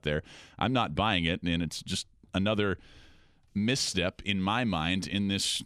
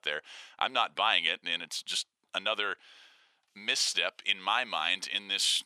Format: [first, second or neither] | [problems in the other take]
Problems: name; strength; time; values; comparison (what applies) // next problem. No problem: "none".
first | thin; very; fading below 900 Hz